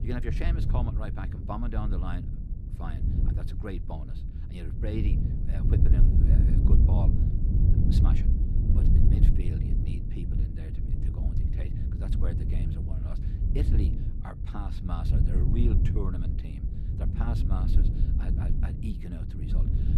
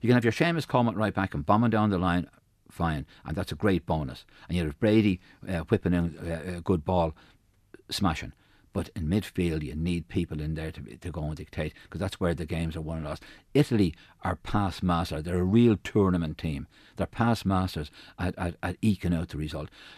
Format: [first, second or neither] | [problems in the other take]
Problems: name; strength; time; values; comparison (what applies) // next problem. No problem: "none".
second | wind noise on the microphone; heavy; 1 dB above the speech